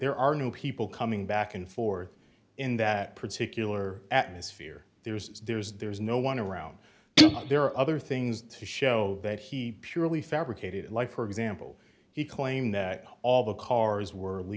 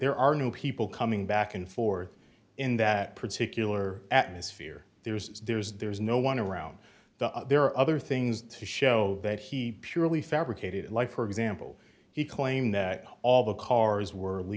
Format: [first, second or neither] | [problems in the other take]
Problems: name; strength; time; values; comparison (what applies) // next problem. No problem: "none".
second | background sound (Guitar); 5 dB above the speech